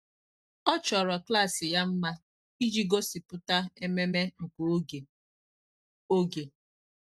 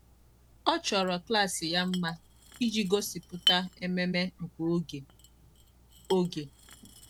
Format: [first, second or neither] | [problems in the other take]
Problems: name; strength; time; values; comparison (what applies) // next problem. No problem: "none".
first | background sound (Chink, clink); 9 dB below the speech